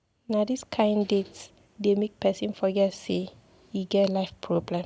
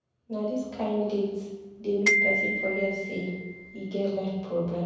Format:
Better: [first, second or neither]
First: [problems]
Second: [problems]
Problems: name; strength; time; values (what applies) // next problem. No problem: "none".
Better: first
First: none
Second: background sound (Glockenspiel); as loud as the speech // room echo; dies away in 1.1 s